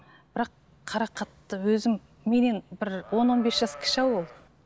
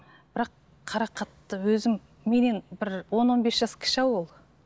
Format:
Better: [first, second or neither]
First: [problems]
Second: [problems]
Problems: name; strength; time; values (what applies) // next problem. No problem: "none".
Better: second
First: background sound (Livestock, farm animals, working animals); 15 dB below the speech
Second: none